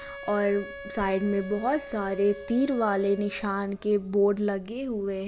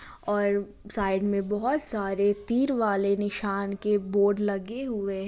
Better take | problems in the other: second | background sound (Wind instrument, woodwind instrument); 16 dB below the speech

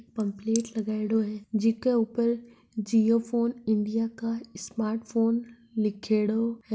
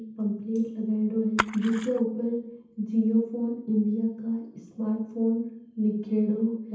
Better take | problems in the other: first | background sound (Splash, splatter); 8 dB below the speech // room echo; dies away in 0.8 s

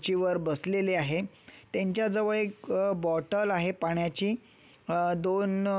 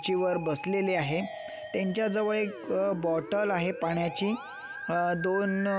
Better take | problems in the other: first | background sound (Musical instrument); 11 dB below the speech

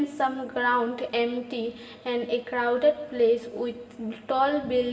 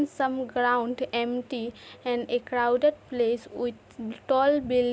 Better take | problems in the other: second | room echo; dies away in 1 s

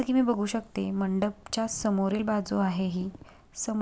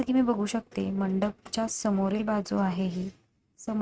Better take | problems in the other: first | noise reduction (neural mask model RNNoise)

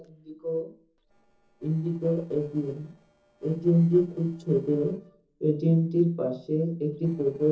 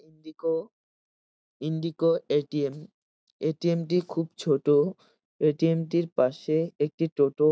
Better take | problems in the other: second | noise reduction (neural separator model SepFormer DNS4)

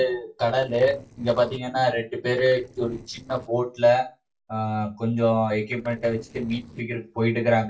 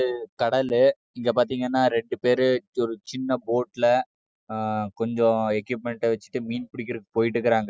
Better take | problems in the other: second | noise reduction (neural separator model SepFormer DNS4)

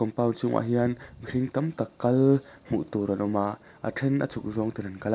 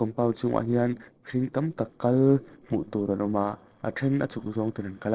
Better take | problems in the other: first | noise reduction (neural separator model SepFormer DNS4)

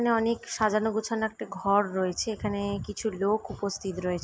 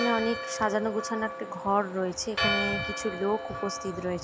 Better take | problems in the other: first | background sound (Church bell); 4 dB below the speech

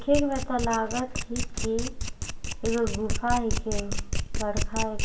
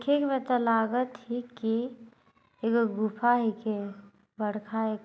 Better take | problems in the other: second | background sound (Domestic sounds, home sounds); 1 dB above the speech // room echo; dies away in 0.2 s

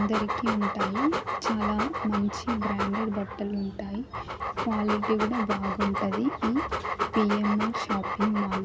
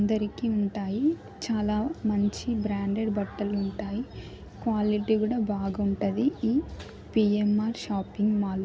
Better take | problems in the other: second | background sound (Dog); 3 dB below the speech

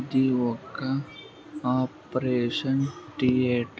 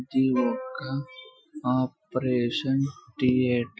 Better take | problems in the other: first | noise reduction (classical method Wiener filter)

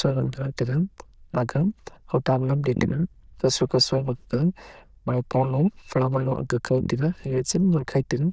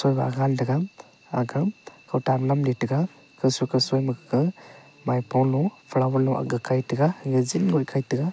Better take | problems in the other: second | noise reduction (neural diffusion model UNIVERSE++)

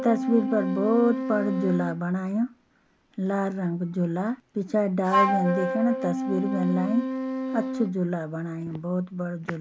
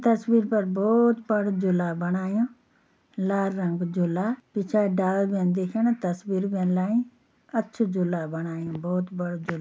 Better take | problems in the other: second | background sound (Wind instrument, woodwind instrument); 4 dB below the speech

